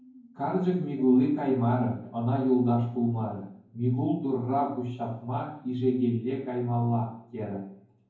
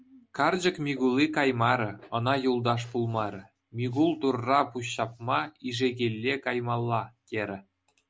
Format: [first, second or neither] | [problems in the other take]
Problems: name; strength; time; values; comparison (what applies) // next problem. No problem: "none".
second | room echo; dies away in 0.9 s